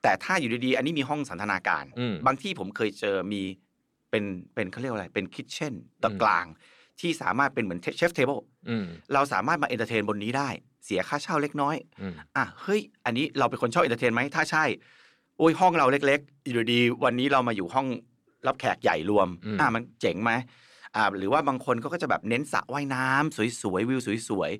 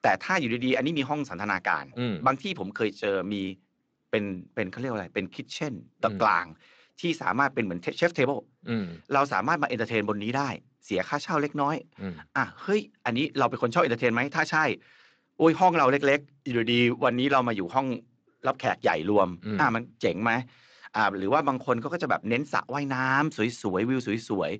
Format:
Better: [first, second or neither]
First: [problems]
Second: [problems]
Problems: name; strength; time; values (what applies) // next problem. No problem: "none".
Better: first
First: none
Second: garbled, watery; slightly; nothing above 7.5 kHz